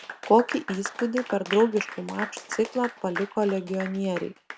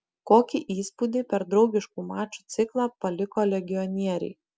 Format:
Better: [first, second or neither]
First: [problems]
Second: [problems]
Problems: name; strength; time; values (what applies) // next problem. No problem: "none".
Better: second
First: background sound (Applause / Clapping); 11 dB below the speech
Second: none